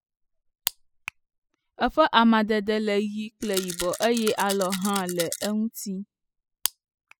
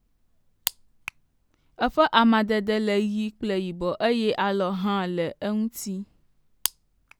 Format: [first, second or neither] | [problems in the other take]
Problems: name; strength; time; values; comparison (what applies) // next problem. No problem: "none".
second | noise reduction (classical method spectral subtraction)